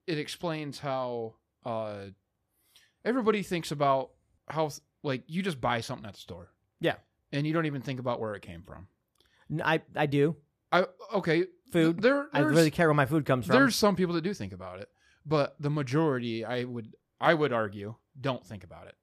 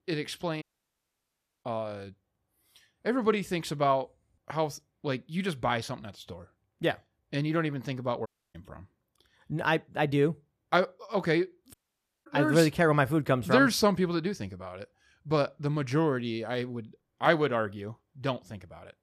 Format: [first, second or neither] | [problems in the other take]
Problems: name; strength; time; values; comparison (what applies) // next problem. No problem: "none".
first | audio cutting out; at 0.5 s for 1 s, at 8.5 s and at 12 s for 0.5 s